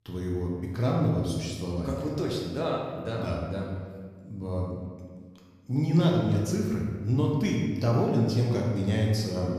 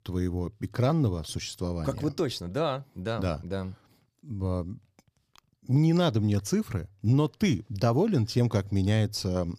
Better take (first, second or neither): second